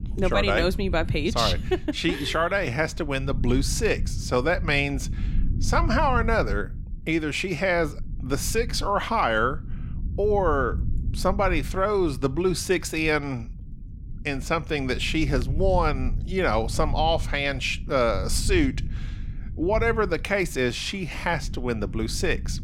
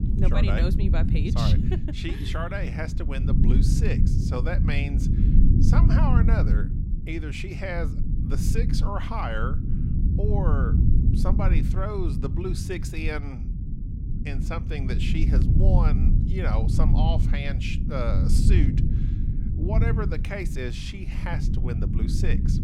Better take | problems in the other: first | low rumble; loud; throughout; 4 dB below the speech; faint in the first

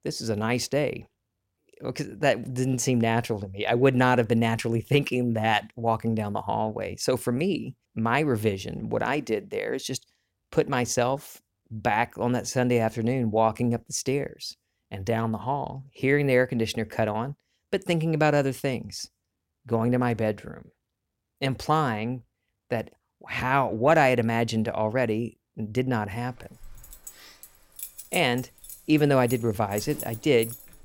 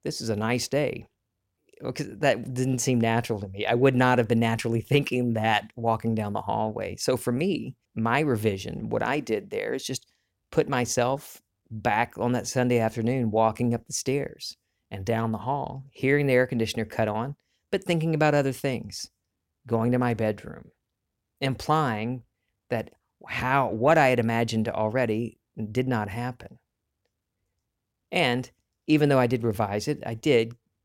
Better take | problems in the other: second | jangling keys; noticeable; from 26 s on; peak 10 dB below the speech

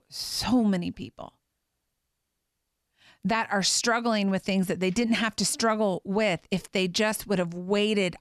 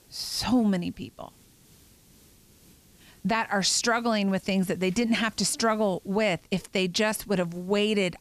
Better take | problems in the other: first | hiss; faint; throughout; 30 dB below the speech

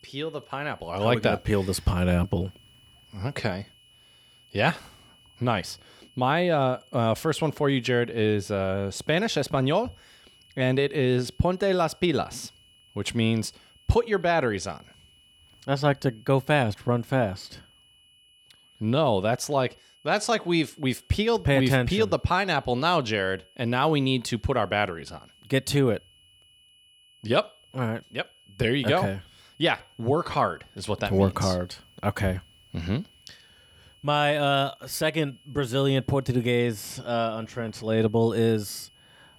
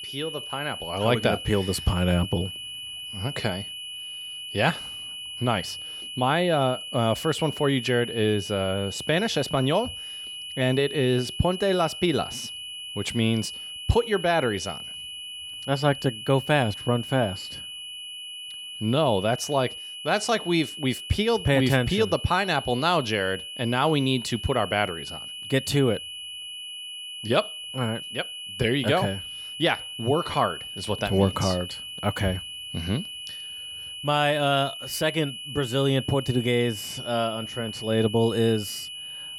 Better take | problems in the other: first | high-pitched whine; loud; throughout; 3 kHz, 9 dB below the speech; faint in the first

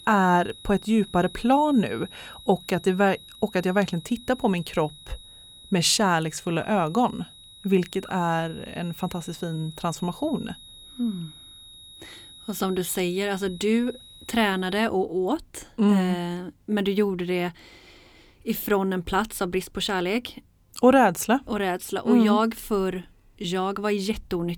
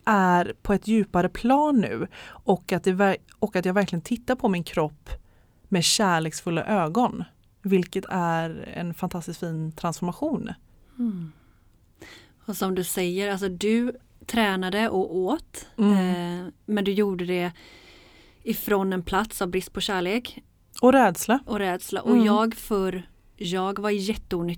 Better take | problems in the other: second | high-pitched whine; noticeable; until 15 s; 4 kHz, 20 dB below the speech

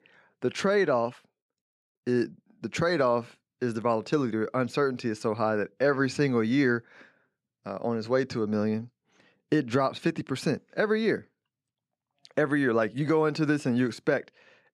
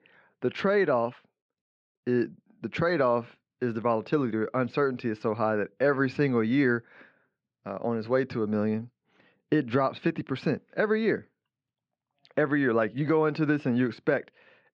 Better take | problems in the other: first | muffled; slightly; fading above 3.5 kHz

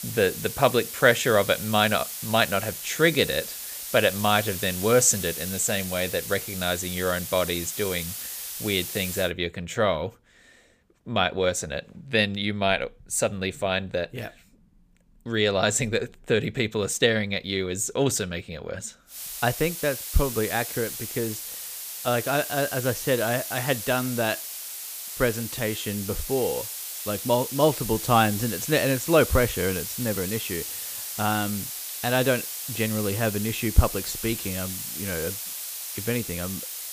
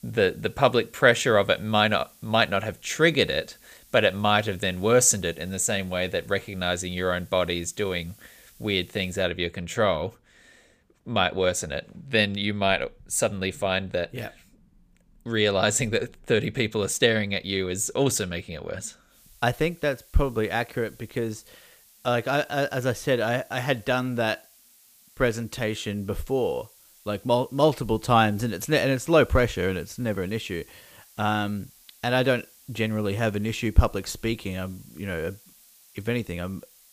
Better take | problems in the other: second | hiss; loud; until 9 s and from 19 s on; 6 dB below the speech; faint in the second

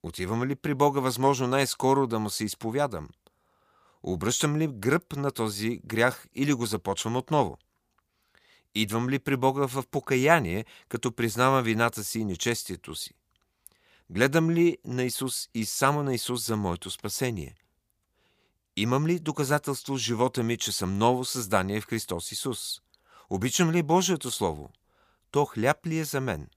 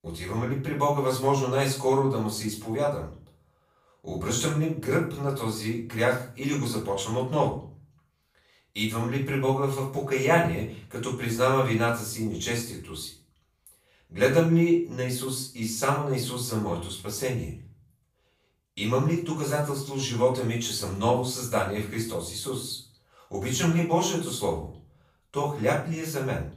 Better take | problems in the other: first | off-mic speech; far // room echo; slight; dies away in 0.4 s

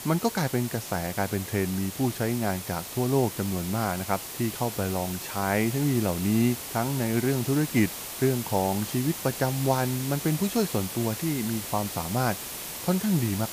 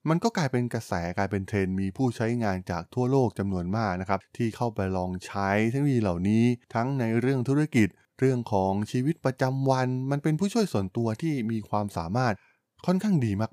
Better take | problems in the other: second | hiss; loud; throughout; 7 dB below the speech

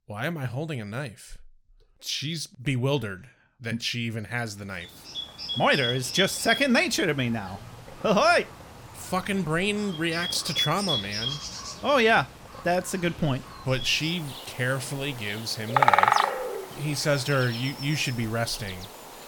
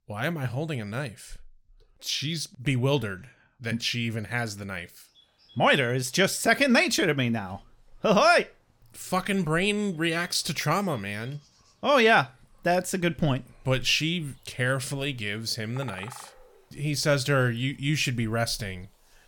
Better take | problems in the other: second | animal sounds; loud; from 5 s on; 2 dB below the speech; faint in the second

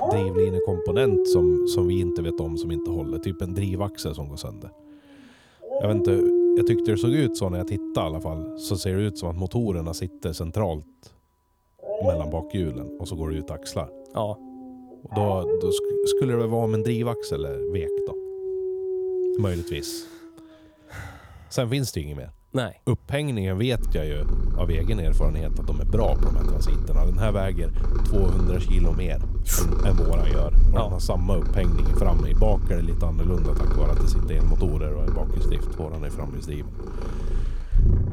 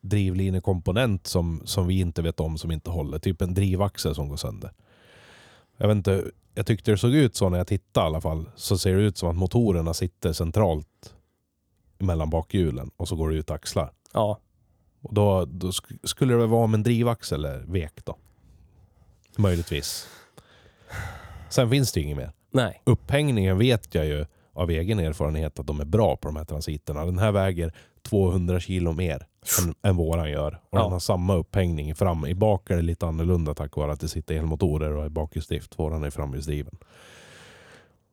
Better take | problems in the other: second | animal sounds; very loud; throughout; 2 dB above the speech

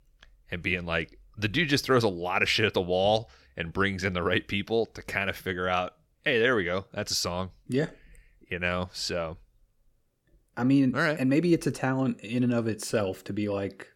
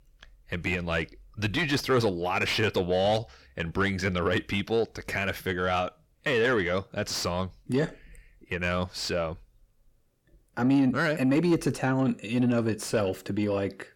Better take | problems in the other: first | distortion; slight; 10 dB below the speech

